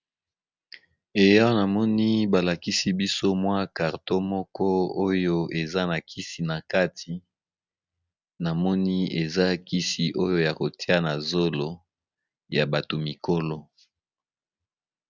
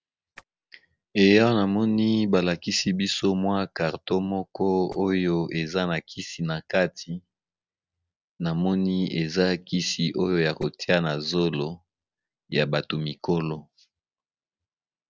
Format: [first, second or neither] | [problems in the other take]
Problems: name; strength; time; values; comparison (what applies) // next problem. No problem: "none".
first | noise reduction (neural separator model SepFormer DNS4)